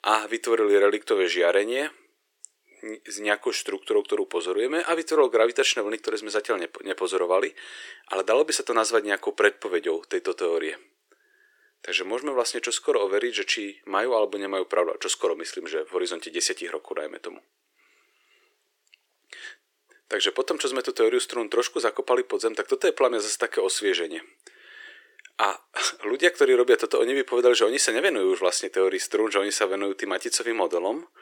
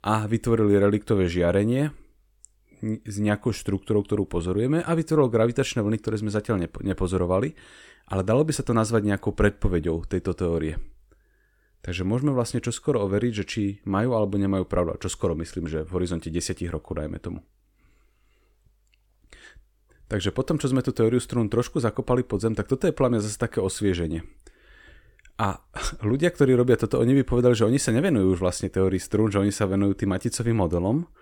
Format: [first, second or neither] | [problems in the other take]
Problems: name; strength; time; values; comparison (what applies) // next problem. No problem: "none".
second | thin; very; fading below 350 Hz